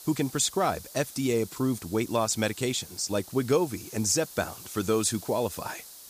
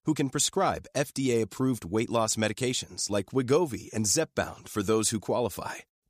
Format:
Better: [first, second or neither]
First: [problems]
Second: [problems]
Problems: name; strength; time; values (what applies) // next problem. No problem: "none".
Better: second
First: hiss; noticeable; throughout; 15 dB below the speech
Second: none